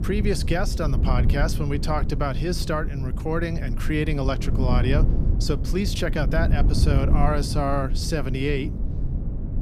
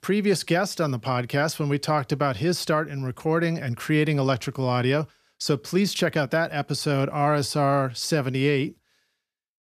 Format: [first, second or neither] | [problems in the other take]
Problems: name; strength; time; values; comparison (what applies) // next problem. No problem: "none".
second | low rumble; loud; throughout; 10 dB below the speech